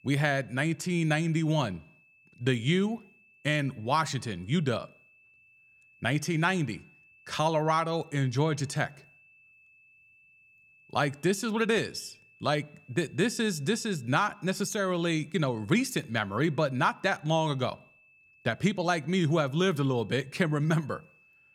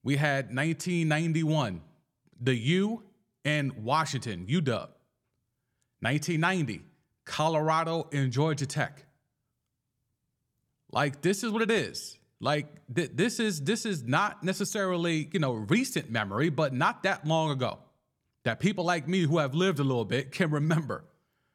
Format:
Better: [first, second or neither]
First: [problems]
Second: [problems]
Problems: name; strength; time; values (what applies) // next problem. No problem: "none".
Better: second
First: high-pitched whine; faint; throughout; 2.5 kHz, 30 dB below the speech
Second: none